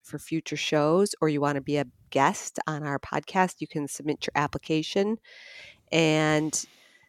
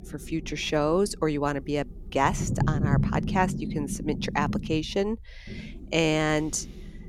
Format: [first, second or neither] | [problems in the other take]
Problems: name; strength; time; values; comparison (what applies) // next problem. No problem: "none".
first | low rumble; noticeable; throughout; 15 dB below the speech